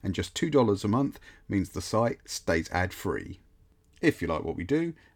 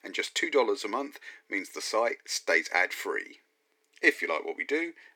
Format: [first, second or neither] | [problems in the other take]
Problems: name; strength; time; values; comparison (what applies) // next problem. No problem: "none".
first | thin; very; fading below 350 Hz